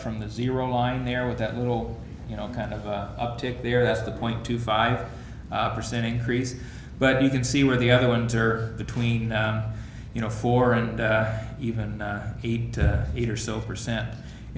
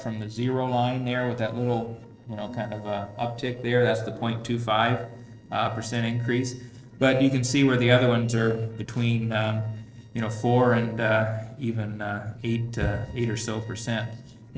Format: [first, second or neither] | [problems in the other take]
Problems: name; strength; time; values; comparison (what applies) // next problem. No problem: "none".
first | noise reduction (neural separator model SepFormer DNS4)